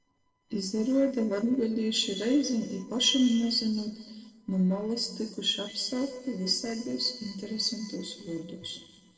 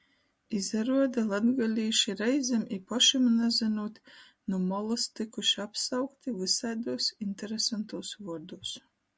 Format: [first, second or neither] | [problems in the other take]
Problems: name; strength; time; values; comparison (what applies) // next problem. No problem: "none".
second | noise reduction (neural separator model SepFormer DNS4)